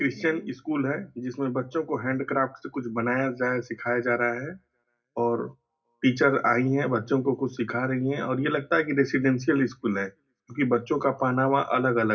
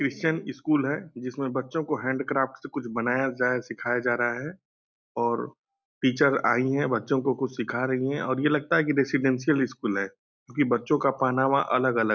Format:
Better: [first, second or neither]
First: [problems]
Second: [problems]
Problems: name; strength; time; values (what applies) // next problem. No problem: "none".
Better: second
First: room echo; dies away in 0.4 s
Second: none